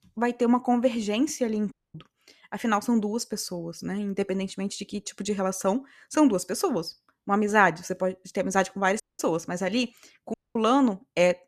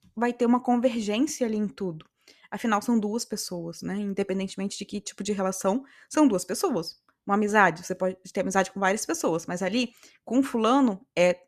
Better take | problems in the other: second | audio cutting out; at 1.5 s, at 9 s and at 10 s

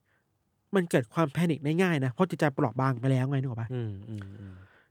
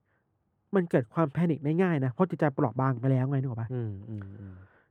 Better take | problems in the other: first | muffled; very; fading above 2.5 kHz

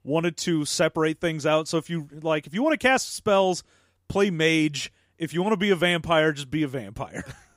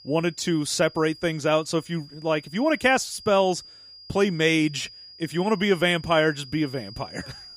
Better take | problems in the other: first | high-pitched whine; noticeable; throughout; 5 kHz, 20 dB below the speech

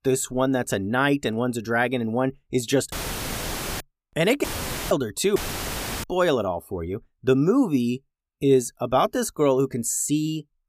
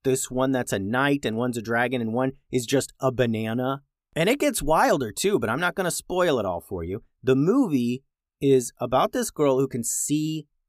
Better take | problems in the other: second | audio cutting out; filled with static; at 3 s for 1 s, at 4.5 s and at 5.5 s for 0.5 s

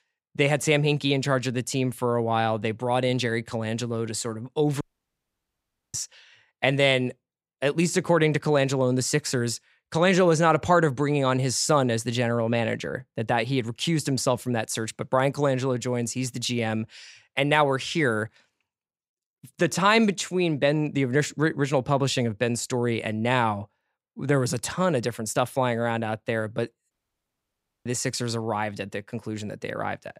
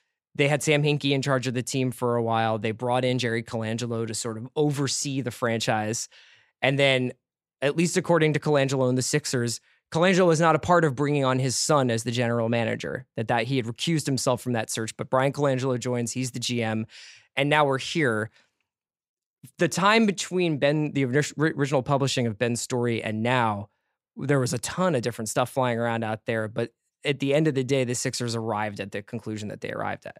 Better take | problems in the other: second | audio cutting out; at 5 s for 1 s and at 27 s for 1 s

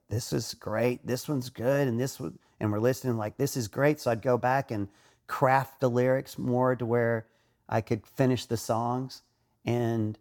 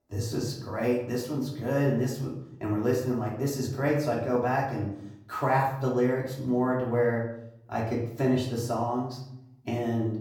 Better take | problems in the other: first | off-mic speech; far // room echo; noticeable; dies away in 0.7 s

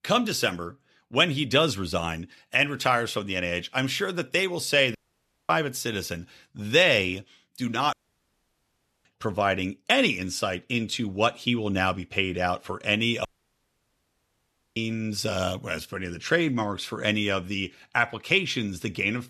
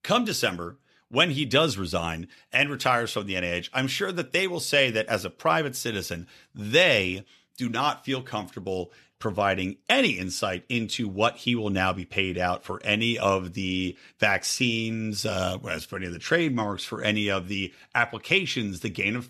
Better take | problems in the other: second | audio cutting out; at 5 s for 0.5 s, at 8 s for 1 s and at 13 s for 1.5 s

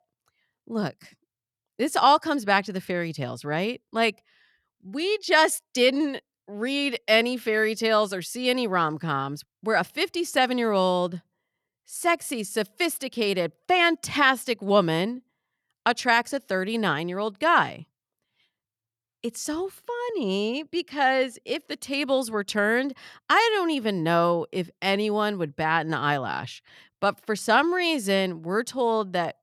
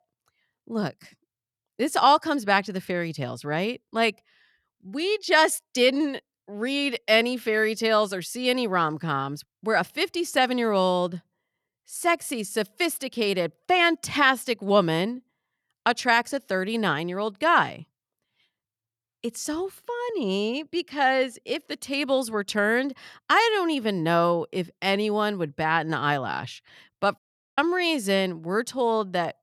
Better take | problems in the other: first | audio cutting out; at 27 s

